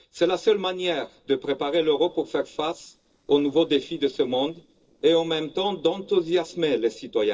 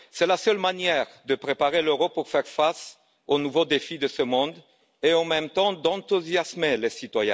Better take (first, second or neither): second